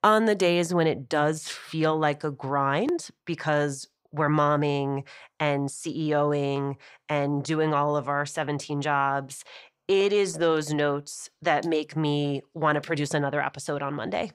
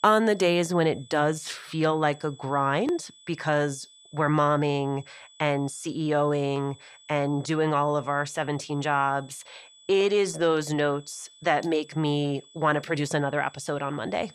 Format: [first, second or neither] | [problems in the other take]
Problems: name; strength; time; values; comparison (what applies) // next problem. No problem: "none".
first | high-pitched whine; faint; throughout; 3.5 kHz, 25 dB below the speech